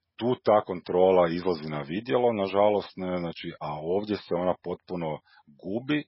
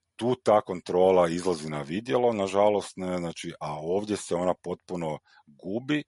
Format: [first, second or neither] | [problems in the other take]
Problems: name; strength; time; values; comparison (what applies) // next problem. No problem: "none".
second | garbled, watery; badly; nothing above 5.5 kHz; slightly in the second